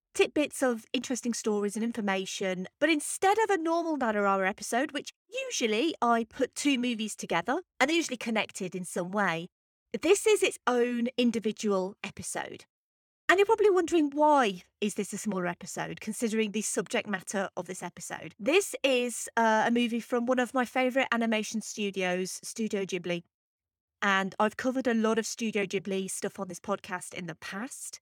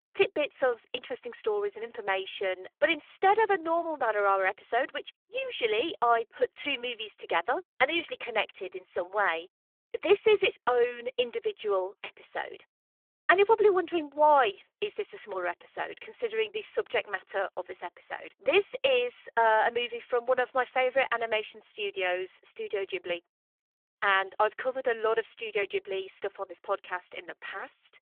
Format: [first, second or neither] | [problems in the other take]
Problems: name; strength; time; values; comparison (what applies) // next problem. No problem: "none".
first | phone-call audio; nothing above 3.5 kHz